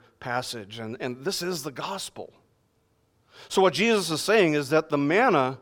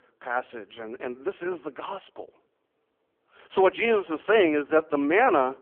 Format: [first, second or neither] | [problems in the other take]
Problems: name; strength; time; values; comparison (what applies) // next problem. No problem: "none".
first | phone-call audio; poor line; nothing above 3 kHz